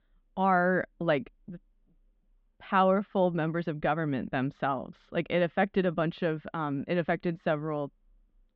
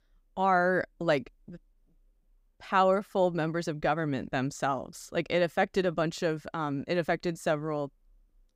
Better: second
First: muffled; very; fading above 3.5 kHz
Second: none

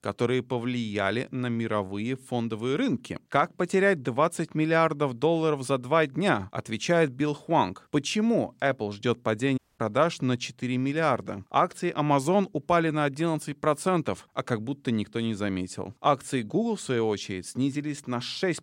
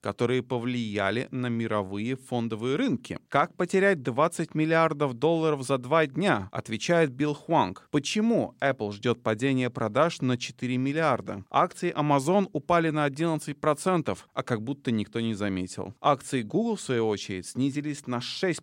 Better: second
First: audio cutting out; at 9.5 s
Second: none

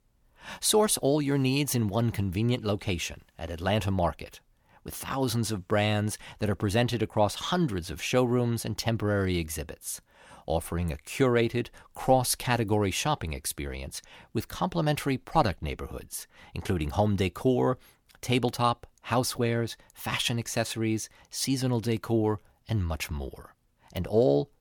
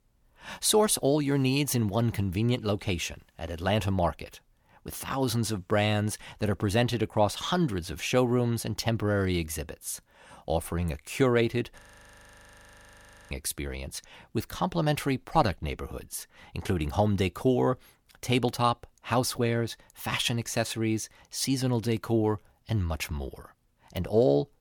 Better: first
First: none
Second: audio freezing; at 12 s for 1.5 s

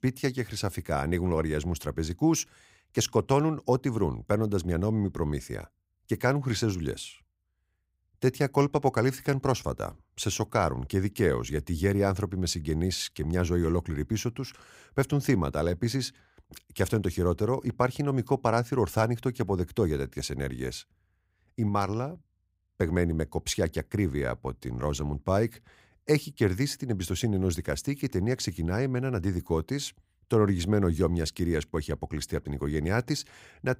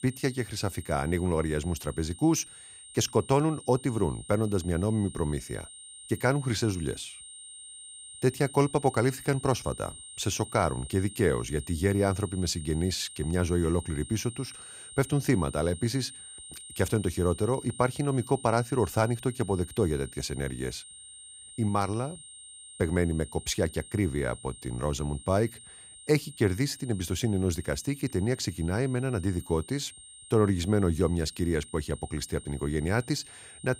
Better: first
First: none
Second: high-pitched whine; noticeable; throughout; 8.5 kHz, 15 dB below the speech

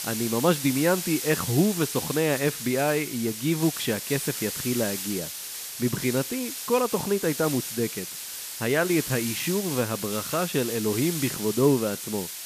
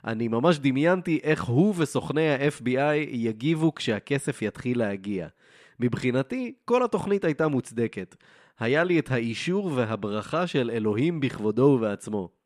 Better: second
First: hiss; loud; throughout; 5 dB below the speech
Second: none

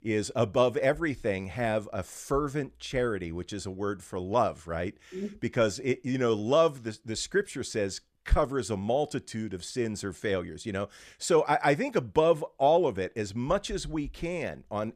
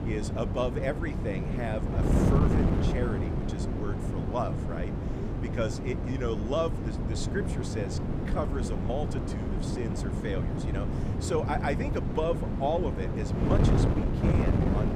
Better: first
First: none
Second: wind noise on the microphone; heavy; 2 dB below the speech

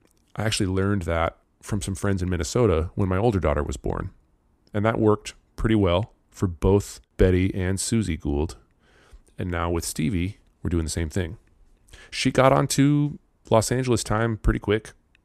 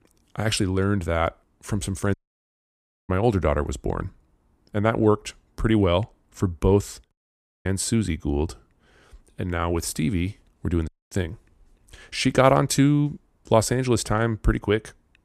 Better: first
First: none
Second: audio cutting out; at 2 s for 1 s, at 7 s for 0.5 s and at 11 s

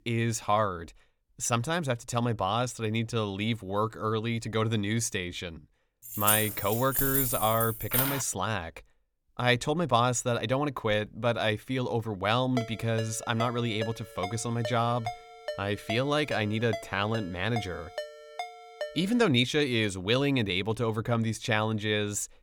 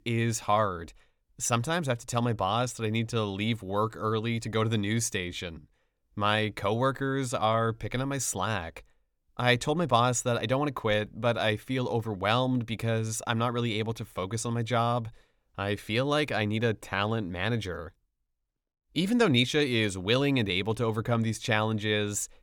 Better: second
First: jangling keys; loud; from 6 to 8 s; peak 4 dB above the speech // phone ringing; noticeable; from 13 to 19 s; peak 9 dB below the speech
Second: none

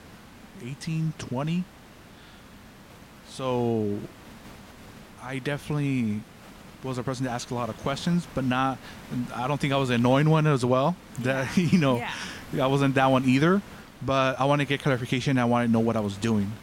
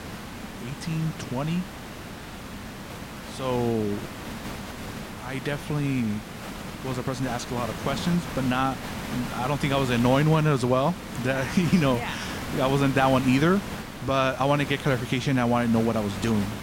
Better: first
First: hiss; faint; throughout; 20 dB below the speech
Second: hiss; loud; throughout; 10 dB below the speech

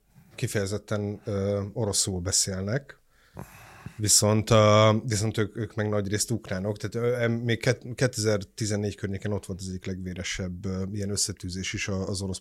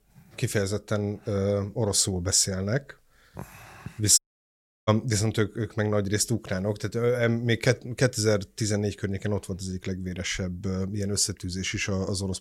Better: first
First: none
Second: audio cutting out; at 4 s for 0.5 s

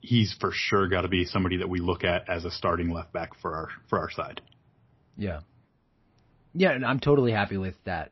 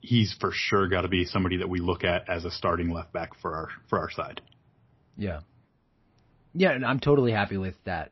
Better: neither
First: garbled, watery; slightly; nothing above 5.5 kHz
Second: garbled, watery; slightly; nothing above 5.5 kHz

